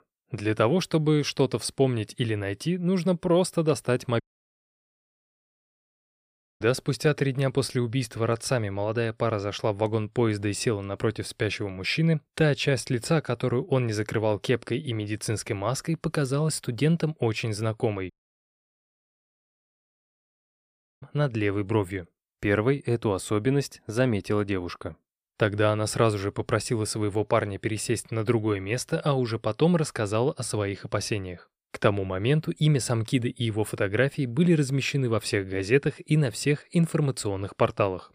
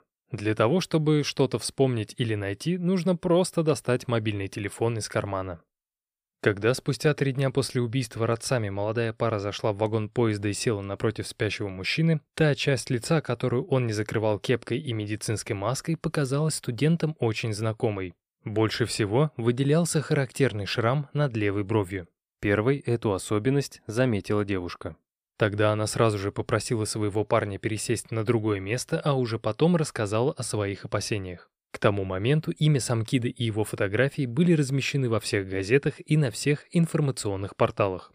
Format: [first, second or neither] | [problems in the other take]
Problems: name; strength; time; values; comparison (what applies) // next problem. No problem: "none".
second | audio cutting out; at 4 s for 2.5 s and at 18 s for 3 s